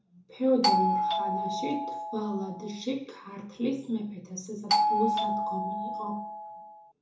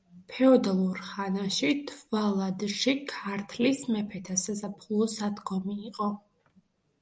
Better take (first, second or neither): second